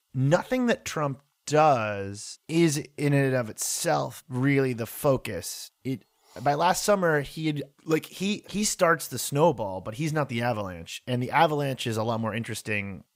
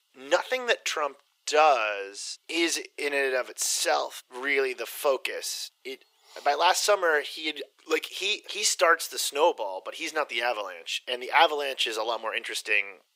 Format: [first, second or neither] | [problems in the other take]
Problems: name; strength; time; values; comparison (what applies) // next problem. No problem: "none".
first | thin; very; fading below 350 Hz